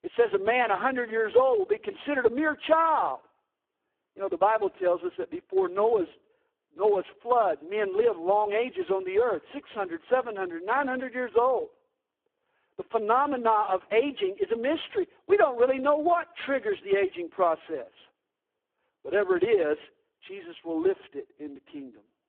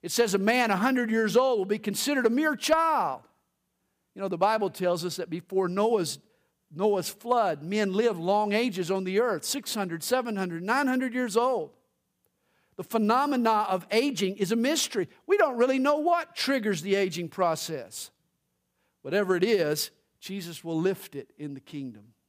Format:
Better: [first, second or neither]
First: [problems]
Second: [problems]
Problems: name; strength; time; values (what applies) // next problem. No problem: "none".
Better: second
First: phone-call audio; poor line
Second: none